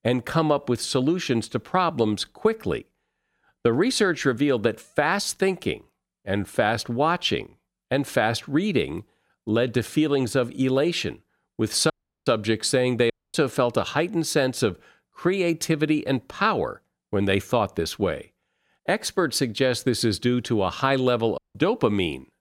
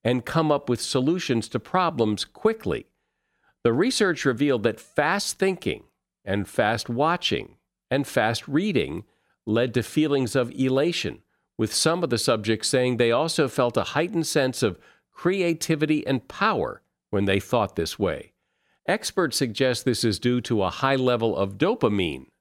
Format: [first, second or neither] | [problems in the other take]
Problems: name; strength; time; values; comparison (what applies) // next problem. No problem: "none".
second | audio cutting out; at 12 s, at 13 s and at 21 s